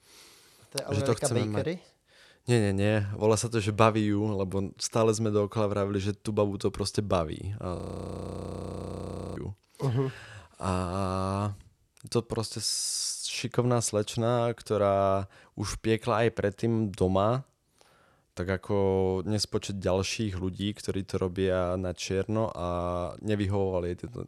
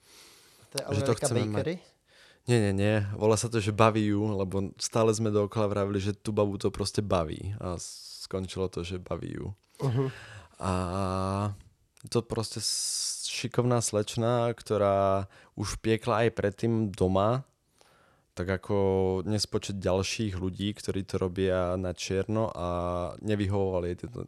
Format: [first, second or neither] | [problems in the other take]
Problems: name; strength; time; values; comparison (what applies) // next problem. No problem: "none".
second | audio freezing; at 8 s for 1.5 s